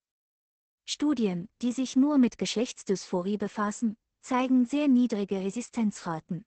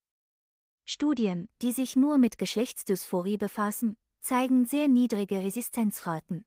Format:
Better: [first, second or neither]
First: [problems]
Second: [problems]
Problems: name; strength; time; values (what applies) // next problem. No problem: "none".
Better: second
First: garbled, watery; badly; nothing above 8 kHz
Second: garbled, watery; slightly; nothing above 15.5 kHz